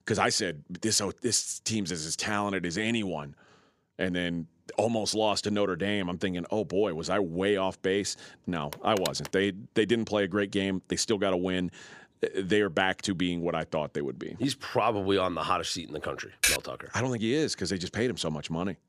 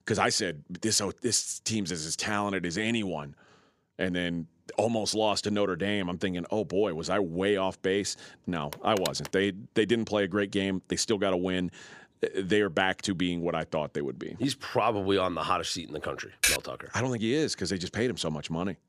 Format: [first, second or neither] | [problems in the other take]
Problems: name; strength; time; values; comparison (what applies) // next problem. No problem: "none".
neither | phone ringing; noticeable; at 8.5 s; peak 7 dB below the speech; the same in both // keyboard typing; loud; at 16 s; peak 4 dB above the speech; the same in both